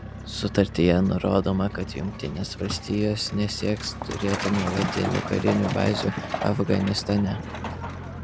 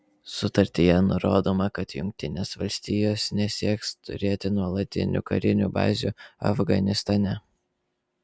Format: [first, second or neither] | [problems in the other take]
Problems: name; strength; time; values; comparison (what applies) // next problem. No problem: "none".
second | background sound (Truck); 7 dB below the speech